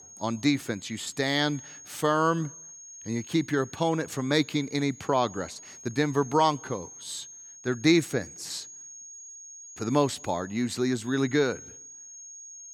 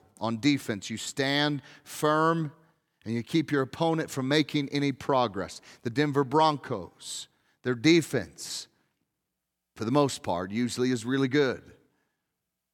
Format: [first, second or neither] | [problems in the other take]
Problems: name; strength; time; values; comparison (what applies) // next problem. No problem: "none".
second | high-pitched whine; noticeable; throughout; 6.5 kHz, 15 dB below the speech